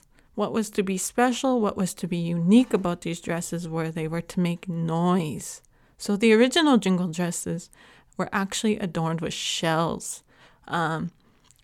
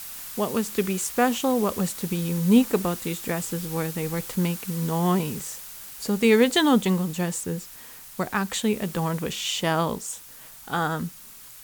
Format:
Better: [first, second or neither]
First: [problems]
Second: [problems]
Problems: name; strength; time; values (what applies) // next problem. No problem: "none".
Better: first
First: none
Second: hiss; noticeable; throughout; 10 dB below the speech